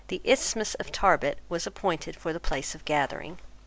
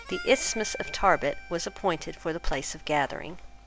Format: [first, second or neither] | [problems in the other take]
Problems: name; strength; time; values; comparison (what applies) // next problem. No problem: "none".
first | background sound (Harmonica); 16 dB below the speech